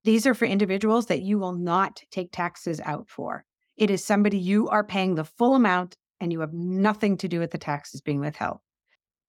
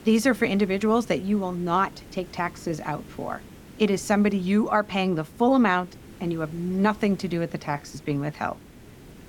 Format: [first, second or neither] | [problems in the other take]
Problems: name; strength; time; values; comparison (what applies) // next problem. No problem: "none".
first | hiss; faint; throughout; 20 dB below the speech